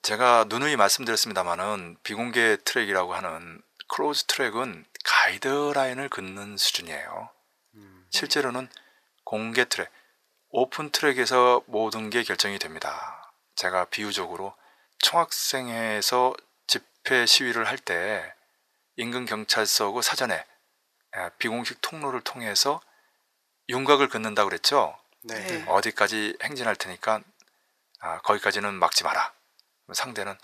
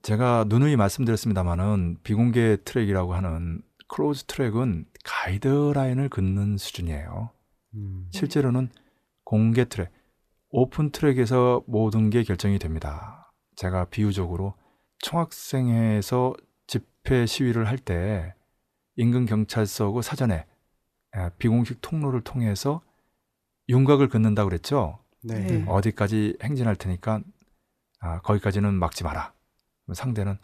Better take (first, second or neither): second